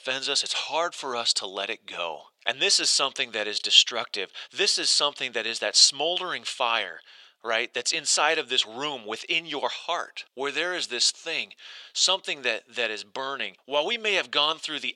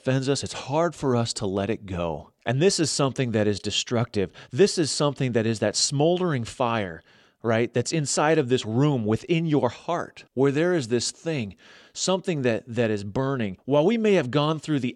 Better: second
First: thin; very; fading below 800 Hz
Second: none

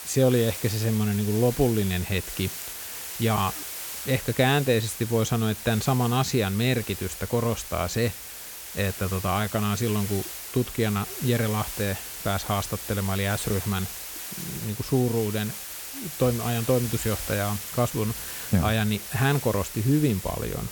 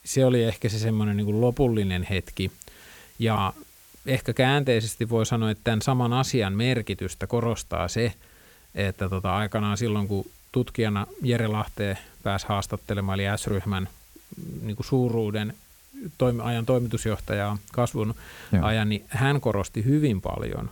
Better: second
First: hiss; loud; throughout; 8 dB below the speech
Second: hiss; faint; throughout; 25 dB below the speech

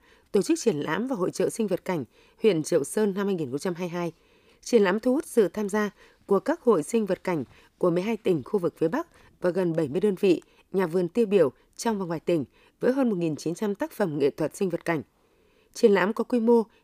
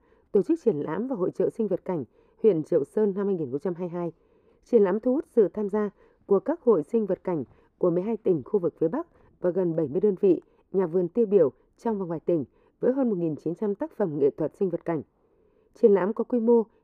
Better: first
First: none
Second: muffled; very; fading above 2 kHz

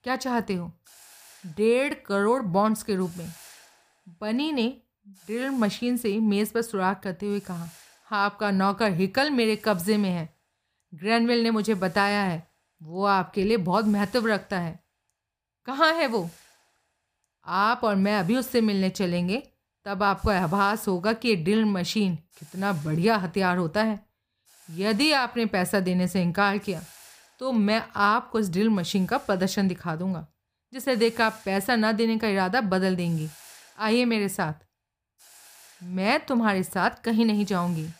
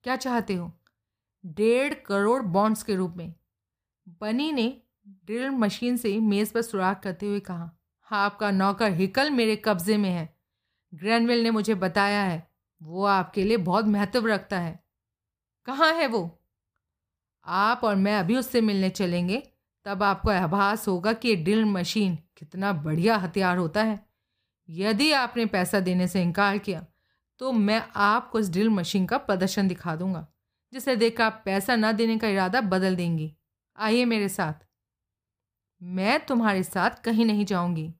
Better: second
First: hiss; faint; throughout; 25 dB below the speech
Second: none

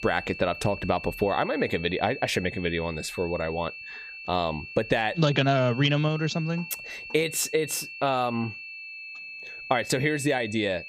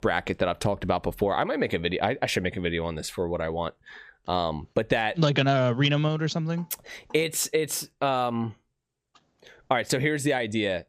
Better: second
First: high-pitched whine; noticeable; throughout; 2.5 kHz, 10 dB below the speech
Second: none

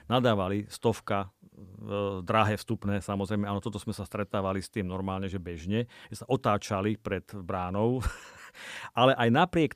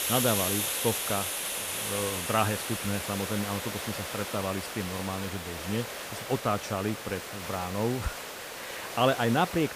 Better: first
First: none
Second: hiss; loud; throughout; 2 dB below the speech

